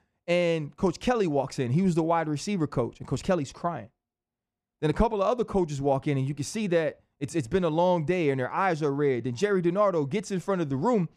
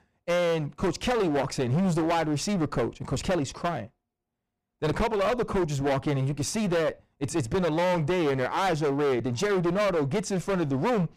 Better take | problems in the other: first | distortion; heavy; 25% of the sound clipped

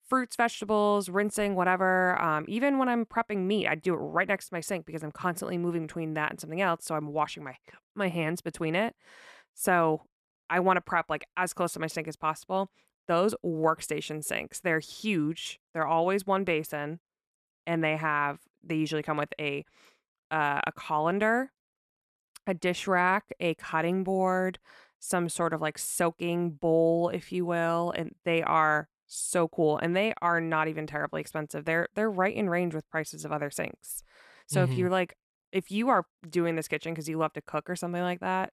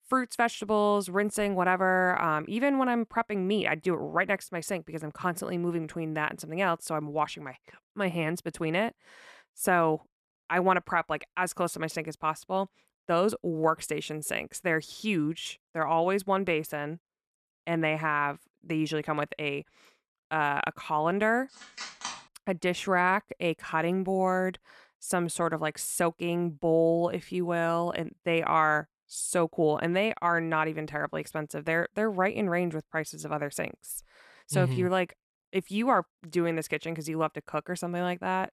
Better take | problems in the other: first | phone ringing; noticeable; at 22 s; peak 8 dB below the speech

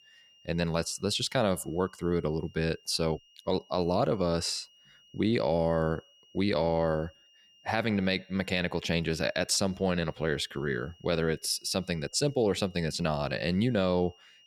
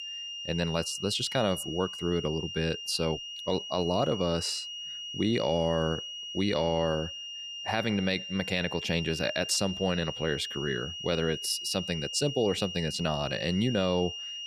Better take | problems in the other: first | high-pitched whine; loud; throughout; 3 kHz, 7 dB below the speech; faint in the first

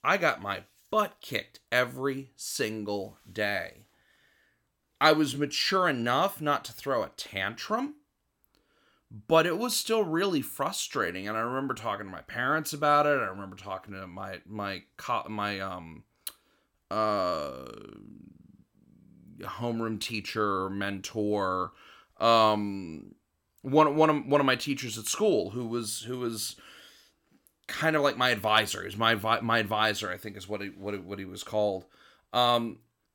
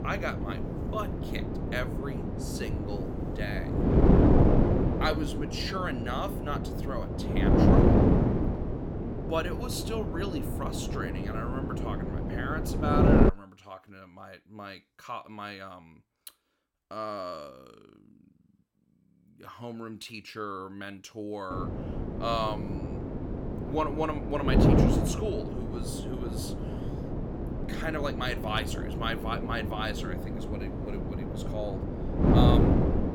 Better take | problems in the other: first | wind noise on the microphone; heavy; until 13 s and from 22 s on; 1 dB above the speech

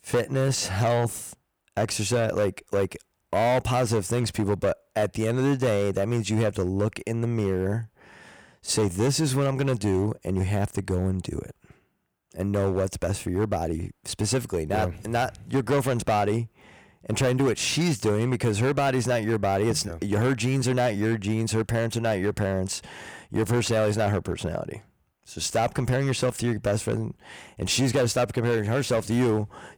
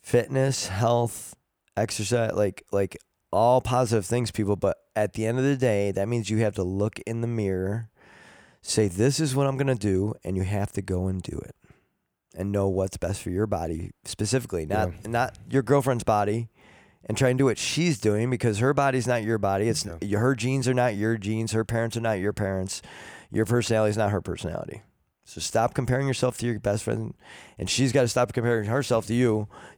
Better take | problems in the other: second | distortion; slight; 8% of the sound clipped

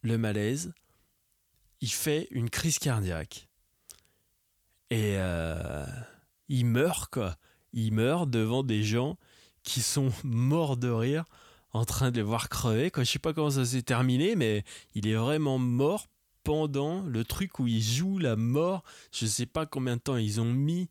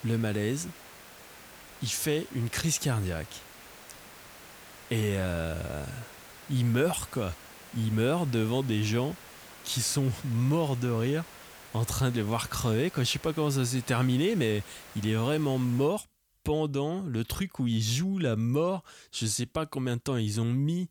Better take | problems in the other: first | hiss; noticeable; until 16 s; 20 dB below the speech

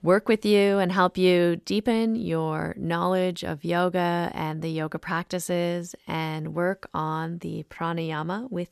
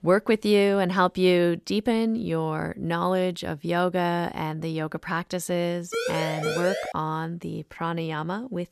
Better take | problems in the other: first | siren; noticeable; from 6 to 7 s; peak 2 dB below the speech

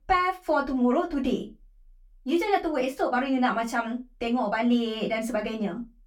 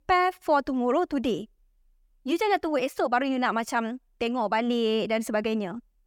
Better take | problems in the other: second | off-mic speech; far // room echo; very slight; dies away in 0.2 s

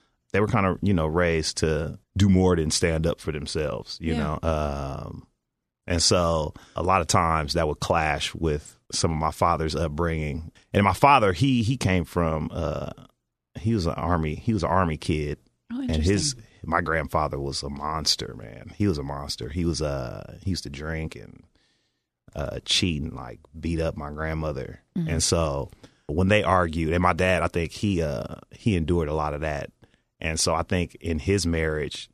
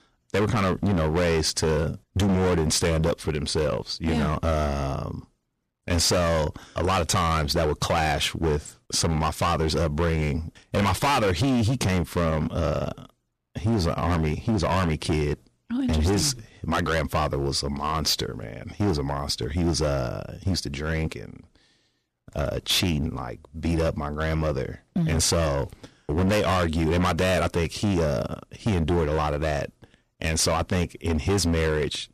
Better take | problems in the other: first | distortion; heavy; 16% of the sound clipped

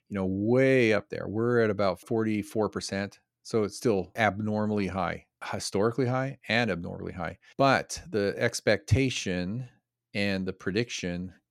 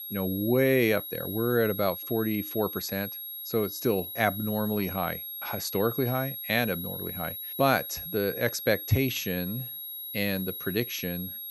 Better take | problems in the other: first | high-pitched whine; loud; throughout; 11.5 kHz, 6 dB below the speech

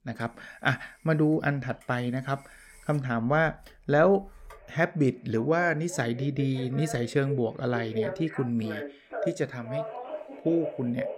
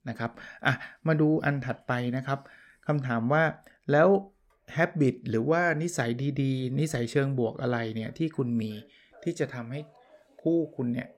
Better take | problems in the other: second | alarms or sirens; loud; throughout; 10 dB below the speech; faint in the second

